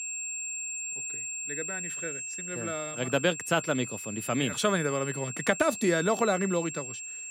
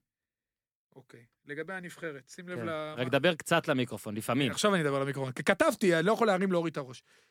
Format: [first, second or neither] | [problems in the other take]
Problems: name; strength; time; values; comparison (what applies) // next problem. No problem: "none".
second | high-pitched whine; loud; throughout; 7.5 kHz, 6 dB below the speech